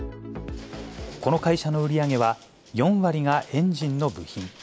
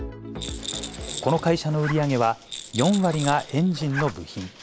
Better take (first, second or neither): first